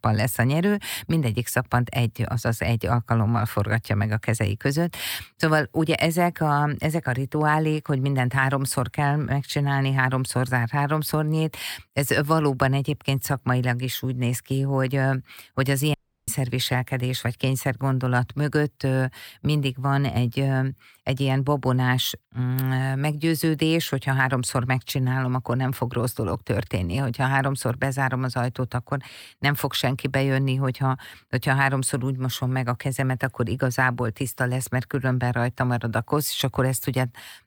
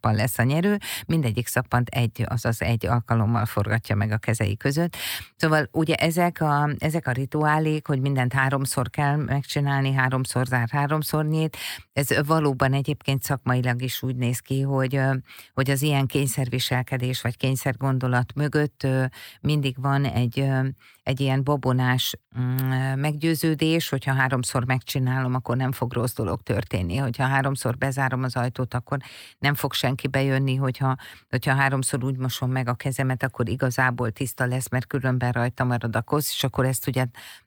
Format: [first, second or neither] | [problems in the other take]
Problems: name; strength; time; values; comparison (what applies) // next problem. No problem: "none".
second | audio cutting out; at 16 s